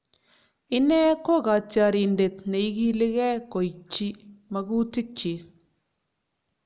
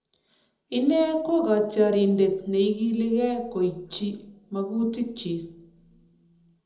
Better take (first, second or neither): first